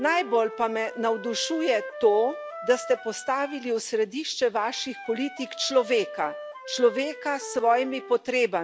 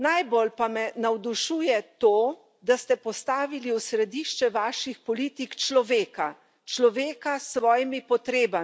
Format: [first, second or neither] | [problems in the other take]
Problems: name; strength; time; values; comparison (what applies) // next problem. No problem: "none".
second | background sound (Wind instrument, woodwind instrument); 13 dB below the speech